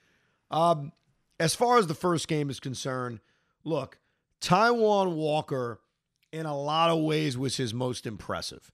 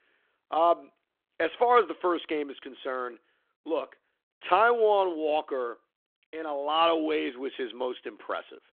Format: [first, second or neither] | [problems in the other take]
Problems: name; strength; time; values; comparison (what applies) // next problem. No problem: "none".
first | phone-call audio